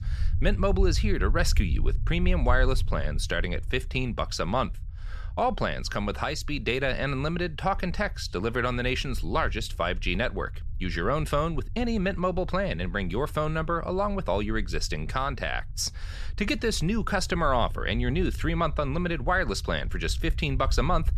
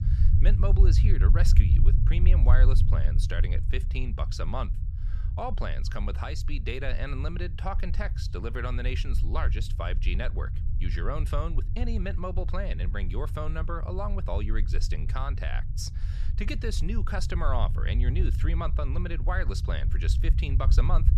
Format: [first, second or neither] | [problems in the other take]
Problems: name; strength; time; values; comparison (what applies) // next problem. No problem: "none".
first | low rumble; loud; throughout; 9 dB below the speech; faint in the first